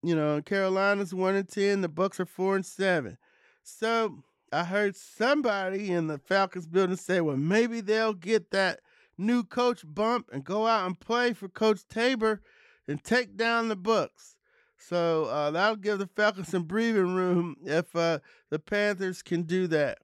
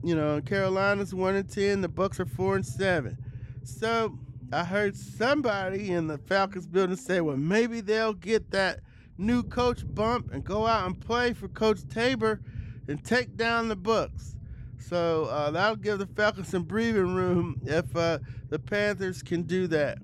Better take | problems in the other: first | low rumble; faint; throughout; 25 dB below the speech

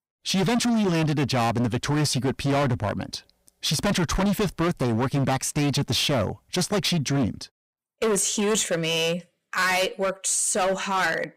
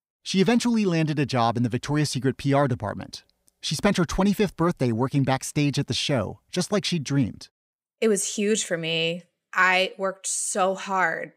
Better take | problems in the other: second | distortion; heavy; 22% of the sound clipped

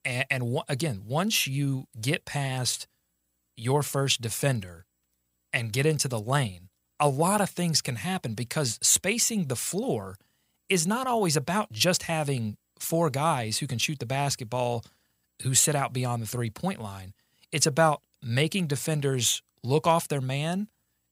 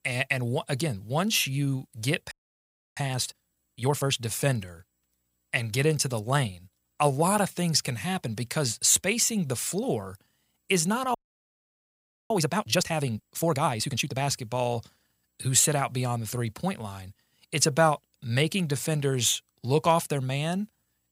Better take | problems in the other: first | audio freezing; at 2.5 s for 0.5 s and at 11 s for 1 s

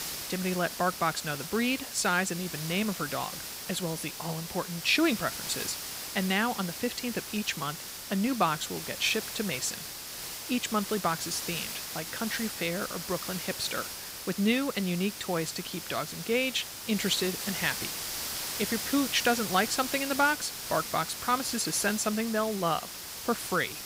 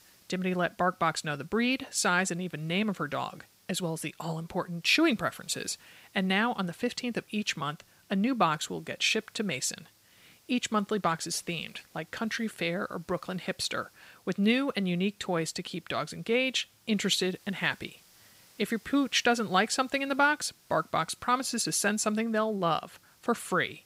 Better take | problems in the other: second | hiss; loud; throughout; 6 dB below the speech; faint in the second

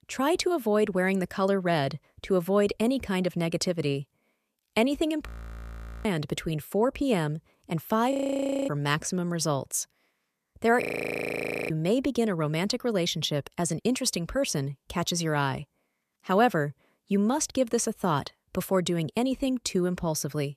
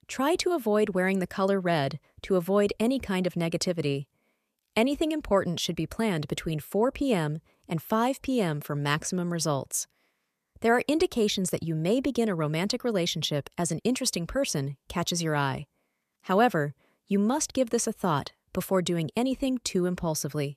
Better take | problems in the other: second | audio freezing; at 5.5 s for 1 s, at 8 s for 0.5 s and at 11 s for 1 s

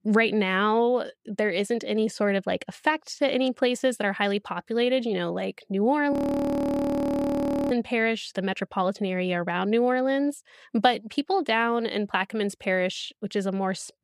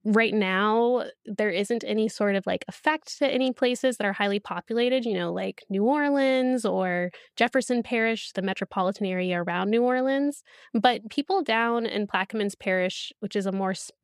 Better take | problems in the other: second | audio freezing; at 6 s for 1.5 s

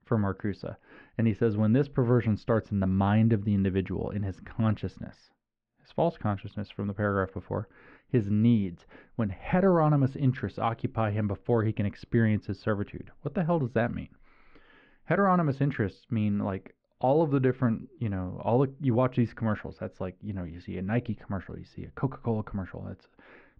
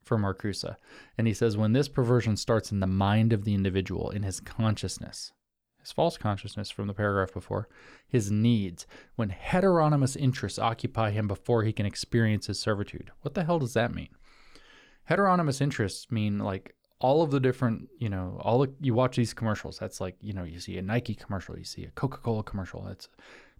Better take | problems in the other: second | muffled; very; fading above 2.5 kHz

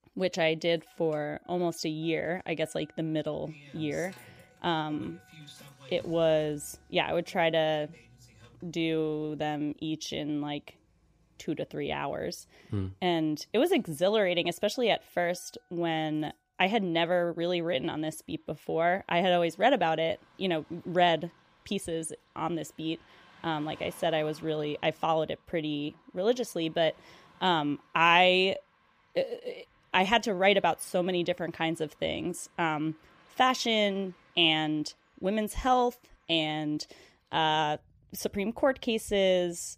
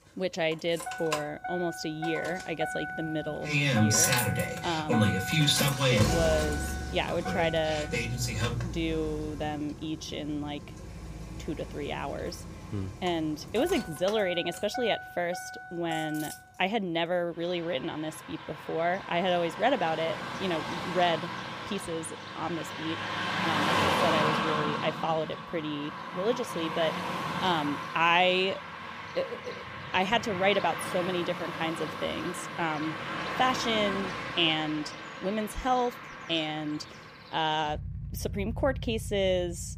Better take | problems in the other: first | traffic noise; loud; throughout; 1 dB below the speech; faint in the first

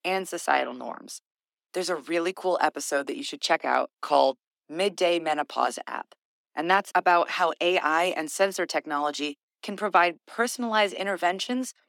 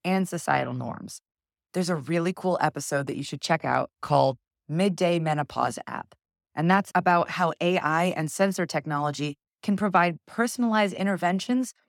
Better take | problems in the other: second | thin; somewhat; fading below 250 Hz

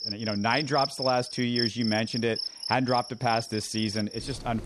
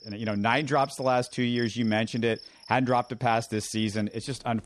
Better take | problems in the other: second | animal sounds; loud; throughout; 5 dB below the speech; faint in the second

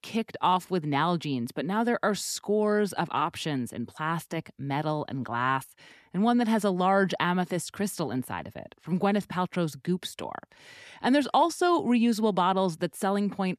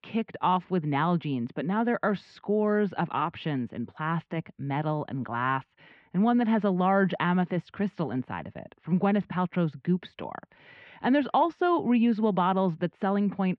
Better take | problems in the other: first | muffled; very; fading above 3 kHz

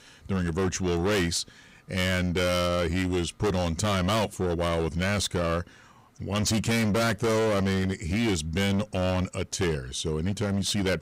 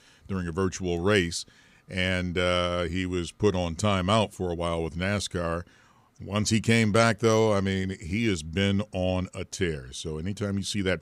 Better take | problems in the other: second | distortion; heavy; 21% of the sound clipped

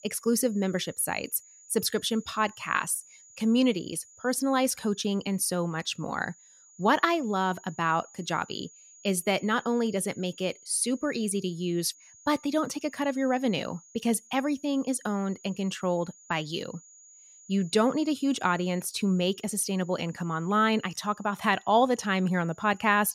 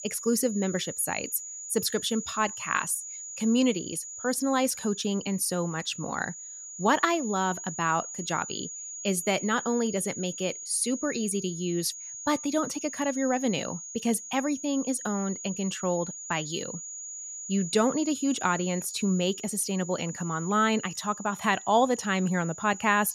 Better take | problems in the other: first | high-pitched whine; loud; throughout; 7 kHz, 9 dB below the speech; faint in the first

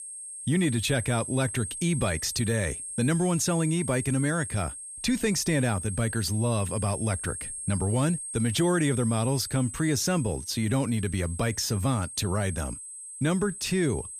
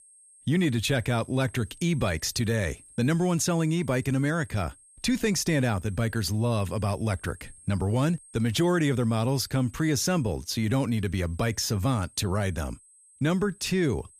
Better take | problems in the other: second | high-pitched whine; loud; throughout; 8.5 kHz, 8 dB below the speech; faint in the second

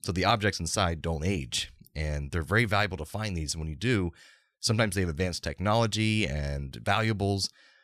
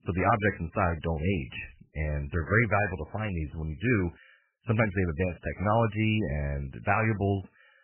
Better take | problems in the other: first | garbled, watery; badly; nothing above 3 kHz

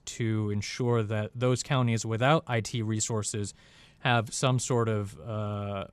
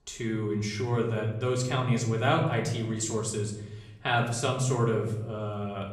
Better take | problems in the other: first | room echo; slight; dies away in 0.8 s // off-mic speech; far

